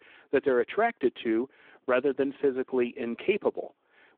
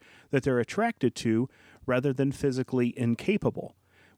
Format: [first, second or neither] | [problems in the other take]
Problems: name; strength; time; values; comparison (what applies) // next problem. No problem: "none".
second | phone-call audio